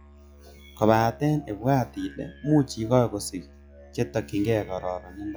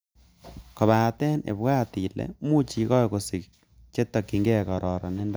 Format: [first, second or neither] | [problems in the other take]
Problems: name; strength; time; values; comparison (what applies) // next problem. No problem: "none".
second | noise reduction (classical method log-MMSE)